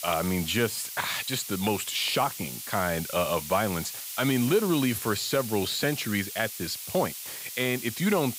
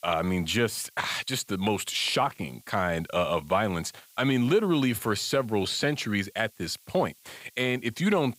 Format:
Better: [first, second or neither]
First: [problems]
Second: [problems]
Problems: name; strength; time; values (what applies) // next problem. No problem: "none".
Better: second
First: hiss; loud; throughout; 7 dB below the speech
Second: hiss; faint; throughout; 25 dB below the speech